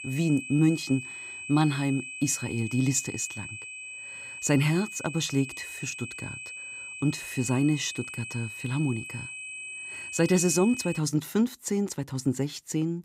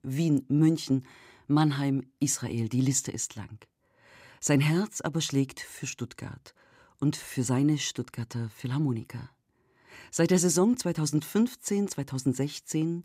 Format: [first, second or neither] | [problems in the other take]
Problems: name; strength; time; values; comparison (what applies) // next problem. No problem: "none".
second | high-pitched whine; loud; until 11 s; 2.5 kHz, 9 dB below the speech